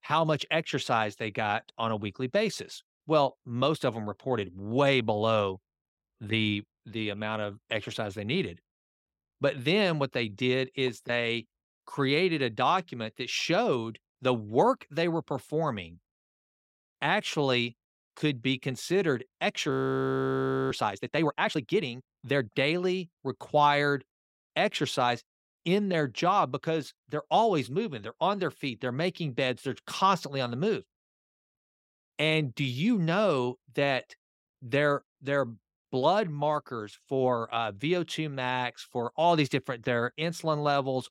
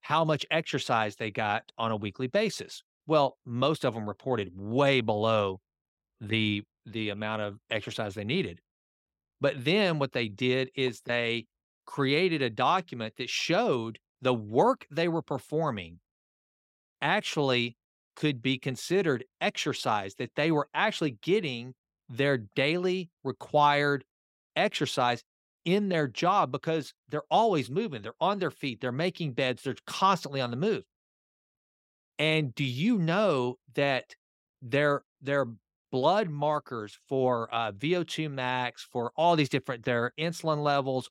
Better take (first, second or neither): second